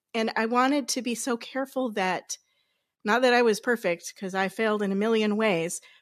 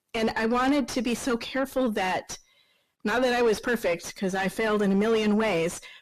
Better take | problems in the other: first | distortion; heavy; 4 dB below the speech

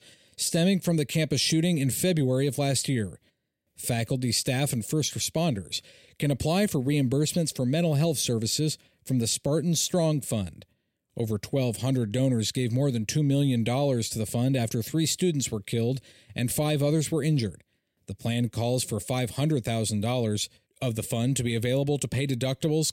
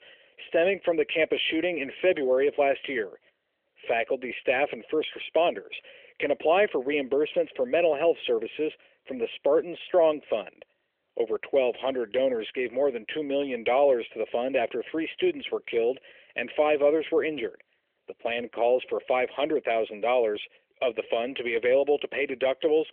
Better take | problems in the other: first | phone-call audio; nothing above 3.5 kHz

